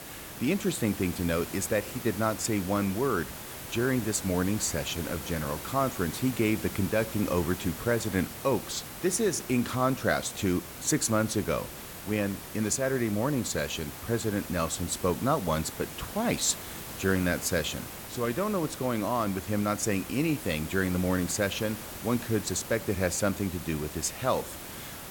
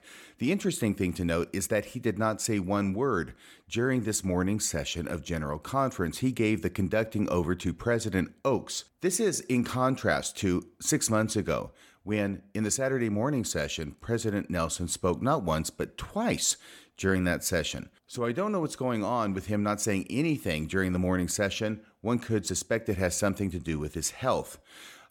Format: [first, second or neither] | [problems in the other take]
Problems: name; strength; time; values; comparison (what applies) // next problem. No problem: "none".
second | hiss; loud; throughout; 10 dB below the speech